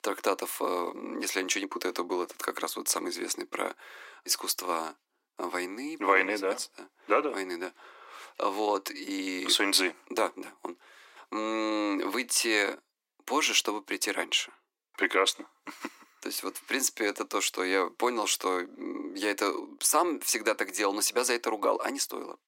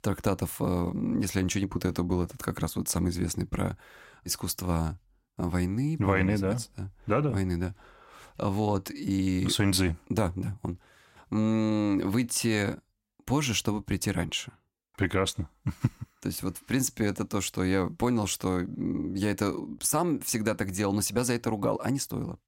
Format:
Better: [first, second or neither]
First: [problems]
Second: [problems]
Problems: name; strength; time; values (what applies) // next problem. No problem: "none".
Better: second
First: thin; very; fading below 300 Hz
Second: none